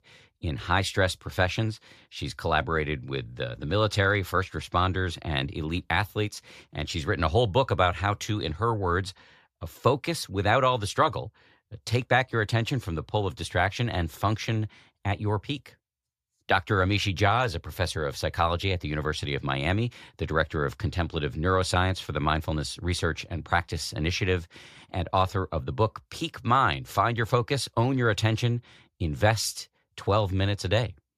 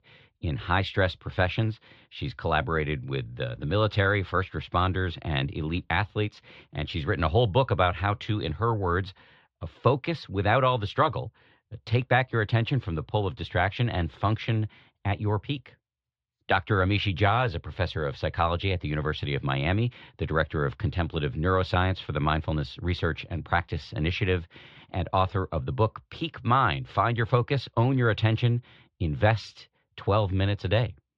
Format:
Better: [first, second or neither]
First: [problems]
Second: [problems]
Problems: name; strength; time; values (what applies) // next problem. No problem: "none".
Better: first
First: none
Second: muffled; slightly; fading above 3.5 kHz